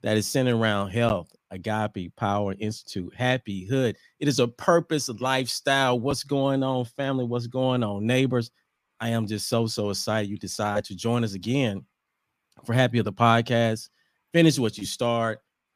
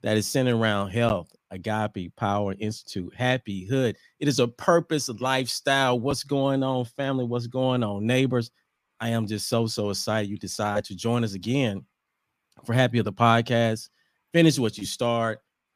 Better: neither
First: none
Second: none

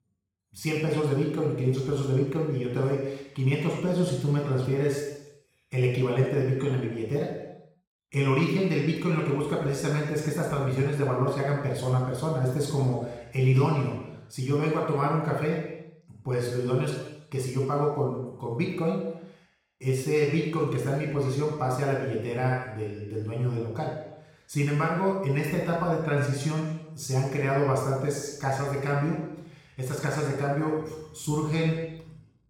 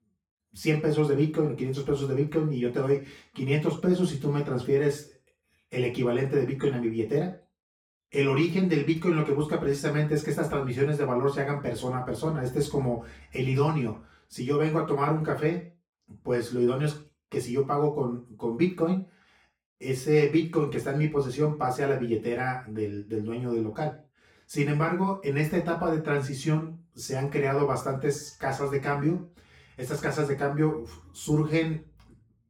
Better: second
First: room echo; strong; dies away in 0.9 s // off-mic speech; far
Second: room echo; slight; dies away in 0.3 s // off-mic speech; far

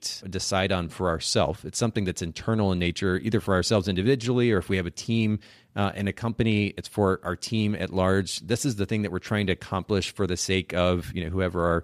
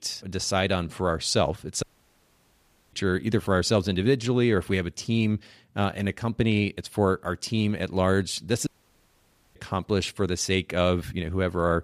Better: first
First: none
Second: audio cutting out; at 2 s for 1 s and at 8.5 s for 1 s

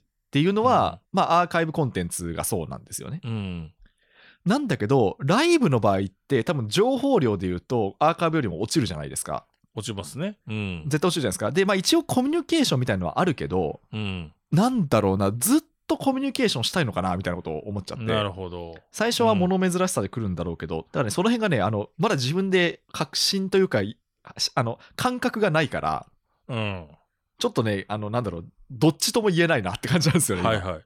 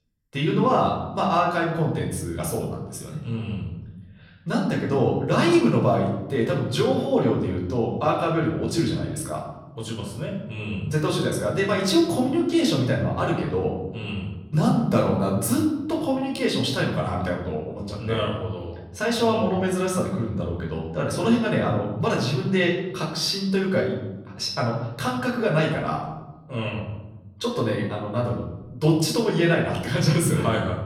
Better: first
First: none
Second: off-mic speech; far // room echo; noticeable; dies away in 1 s

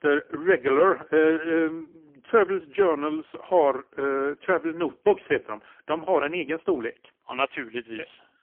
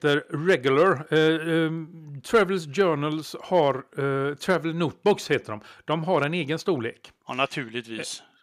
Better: second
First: phone-call audio; poor line; nothing above 3 kHz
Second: none

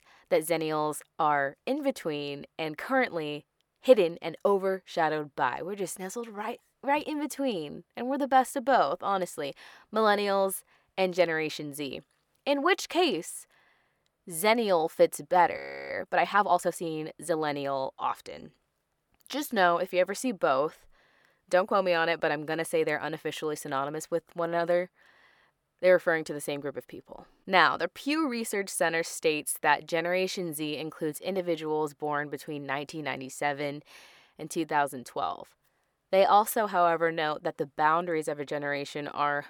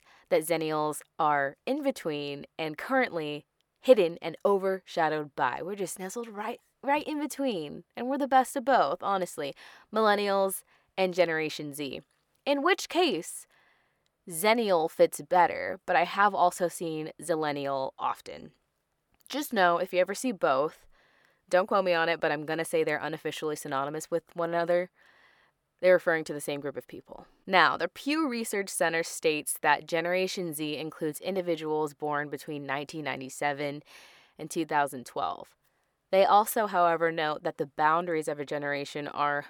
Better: second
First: audio freezing; at 16 s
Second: none

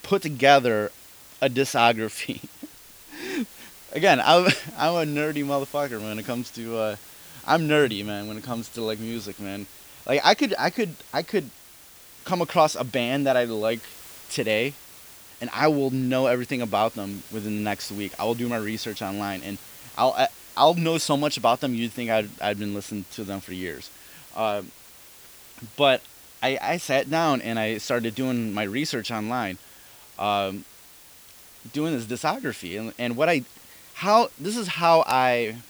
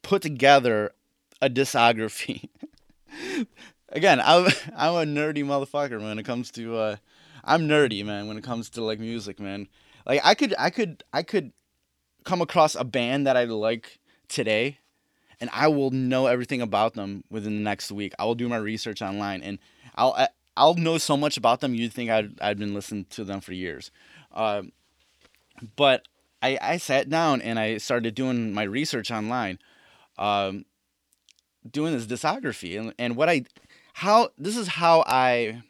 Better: second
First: hiss; noticeable; throughout; 20 dB below the speech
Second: none

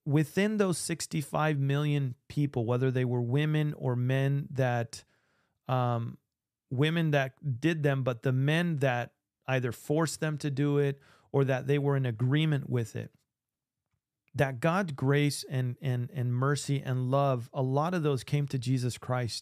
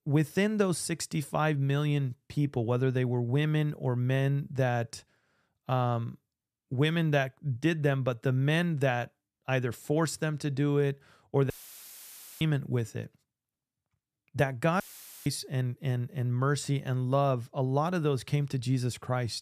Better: first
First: none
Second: audio cutting out; filled with static; at 12 s for 1 s and at 15 s

